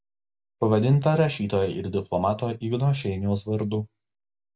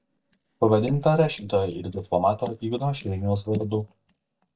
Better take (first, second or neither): first